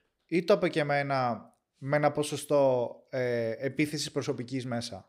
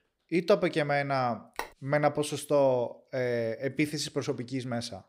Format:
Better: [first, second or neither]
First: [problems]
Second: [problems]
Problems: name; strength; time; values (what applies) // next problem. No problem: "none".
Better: first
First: none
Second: phone ringing; faint; at 1.5 s; peak 10 dB below the speech